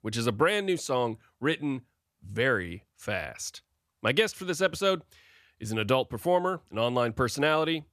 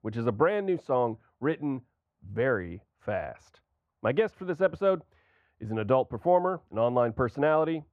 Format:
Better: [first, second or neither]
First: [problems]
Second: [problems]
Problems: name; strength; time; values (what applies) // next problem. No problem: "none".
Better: first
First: none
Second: muffled; very; fading above 3 kHz